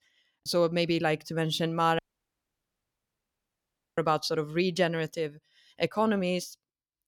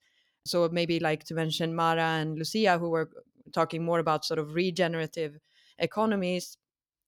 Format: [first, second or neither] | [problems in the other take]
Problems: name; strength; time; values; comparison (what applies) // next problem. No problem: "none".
second | audio cutting out; at 2 s for 2 s